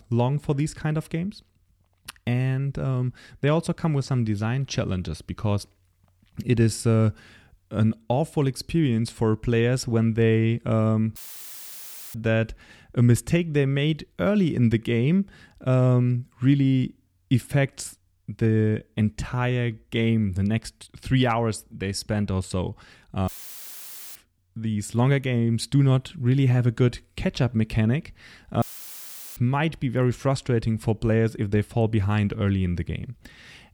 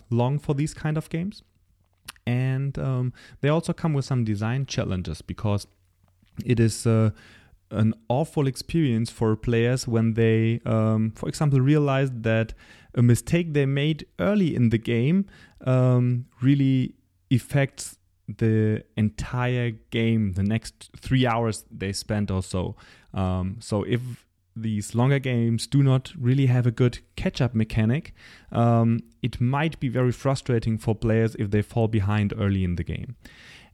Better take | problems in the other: second | audio cutting out; filled with static; at 11 s for 1 s, at 23 s for 1 s and at 29 s for 0.5 s

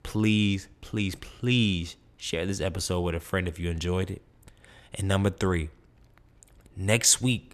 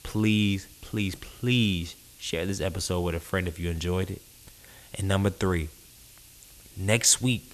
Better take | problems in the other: first | hiss; faint; throughout; 25 dB below the speech

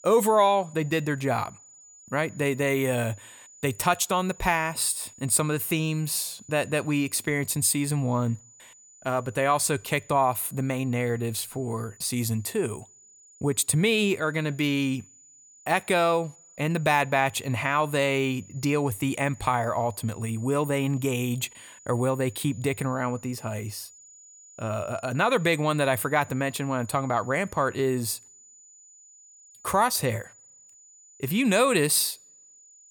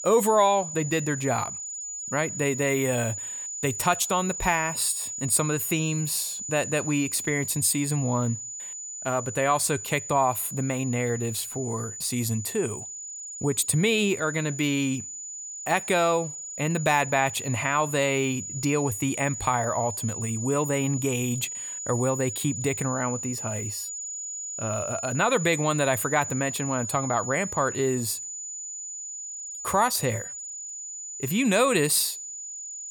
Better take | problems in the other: first | high-pitched whine; loud; throughout; 7 kHz, 7 dB below the speech; faint in the first

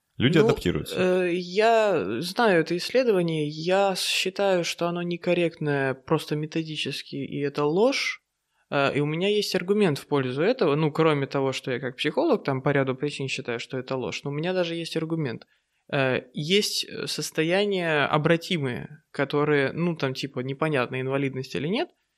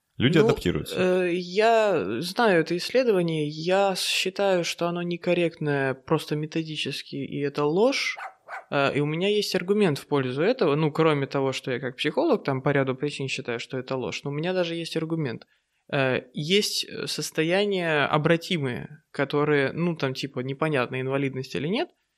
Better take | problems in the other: first | dog barking; faint; at 8 s; peak 15 dB below the speech

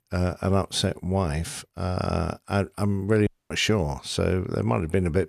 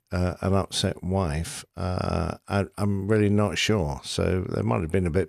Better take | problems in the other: second | audio cutting out; at 3.5 s

